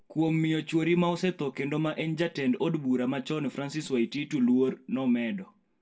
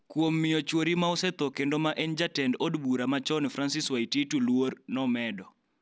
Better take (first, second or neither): second